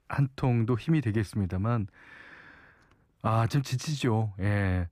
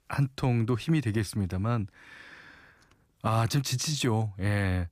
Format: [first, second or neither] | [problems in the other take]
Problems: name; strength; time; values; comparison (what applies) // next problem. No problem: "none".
second | muffled; slightly; fading above 3 kHz